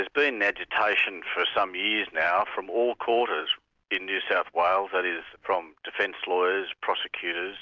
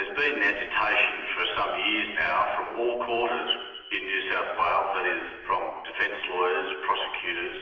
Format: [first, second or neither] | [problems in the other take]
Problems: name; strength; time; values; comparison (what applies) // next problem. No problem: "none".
first | room echo; dies away in 1.4 s